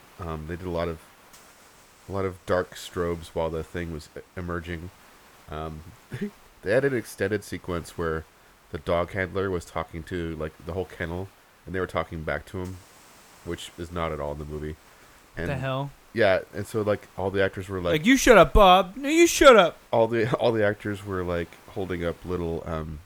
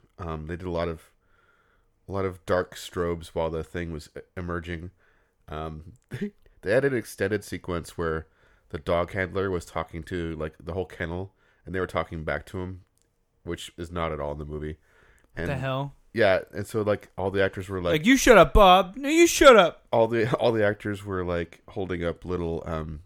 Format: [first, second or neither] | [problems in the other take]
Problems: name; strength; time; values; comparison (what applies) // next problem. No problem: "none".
second | hiss; faint; throughout; 30 dB below the speech